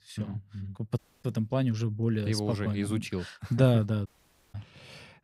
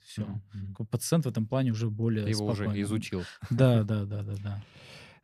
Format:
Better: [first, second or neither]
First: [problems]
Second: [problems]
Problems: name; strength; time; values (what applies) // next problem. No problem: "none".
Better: second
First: audio cutting out; at 1 s and at 4 s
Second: none